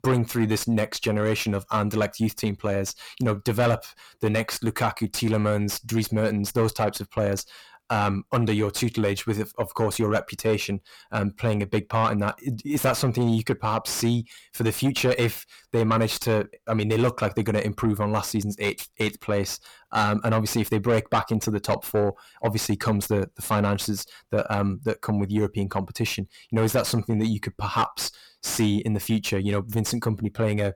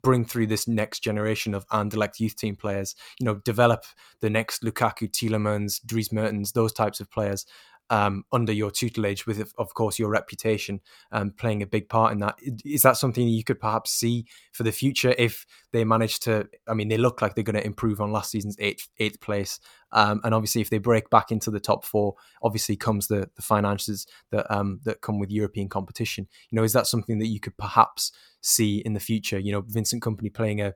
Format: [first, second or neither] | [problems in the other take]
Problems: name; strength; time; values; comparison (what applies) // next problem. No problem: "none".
second | distortion; heavy; 8 dB below the speech